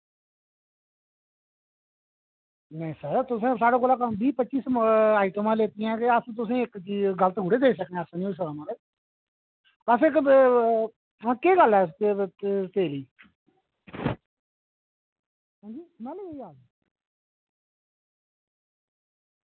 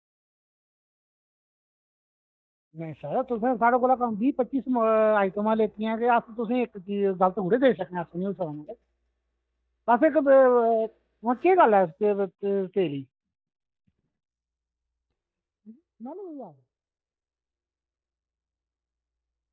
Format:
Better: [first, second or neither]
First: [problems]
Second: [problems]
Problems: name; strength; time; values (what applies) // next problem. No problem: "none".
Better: first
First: none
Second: noise reduction (neural mask model DeepFilterNet 3)